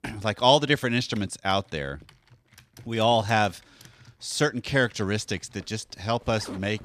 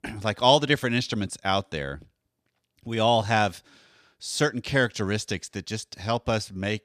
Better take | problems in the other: second | household noises; faint; throughout; 25 dB below the speech

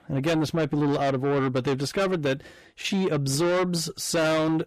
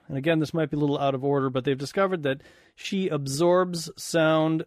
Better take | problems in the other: second | distortion; heavy; 7 dB below the speech

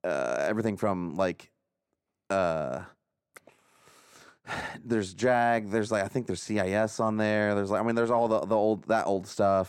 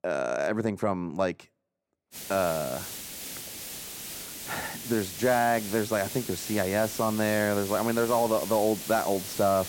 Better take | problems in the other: first | hiss; loud; from 2 s on; 9 dB below the speech

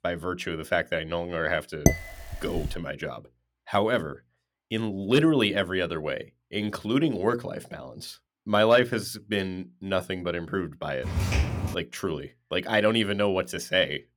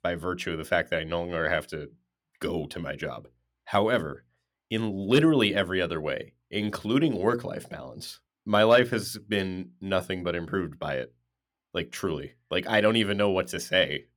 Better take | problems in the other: second | clattering dishes; loud; at 2 s; peak 3 dB above the speech // footsteps; loud; at 11 s; peak 1 dB above the speech

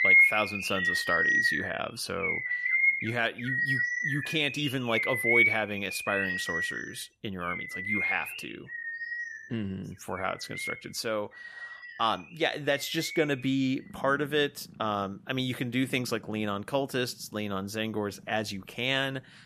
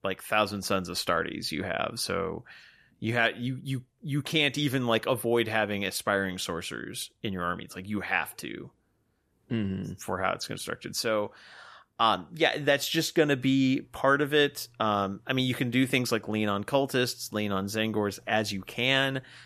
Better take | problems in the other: second | animal sounds; very loud; throughout; 4 dB above the speech

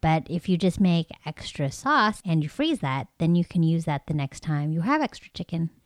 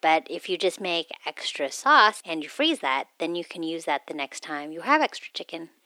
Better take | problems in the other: first | thin; very; fading below 350 Hz

